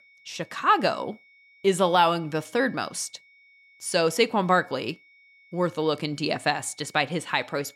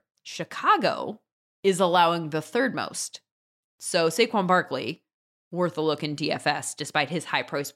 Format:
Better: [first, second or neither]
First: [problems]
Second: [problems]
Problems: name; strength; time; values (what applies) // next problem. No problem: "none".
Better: second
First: high-pitched whine; faint; throughout; 2 kHz, 30 dB below the speech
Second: none